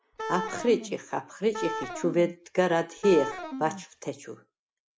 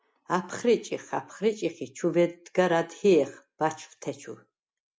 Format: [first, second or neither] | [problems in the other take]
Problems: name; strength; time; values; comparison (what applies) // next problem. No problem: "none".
second | background sound (Wind instrument, woodwind instrument); 8 dB below the speech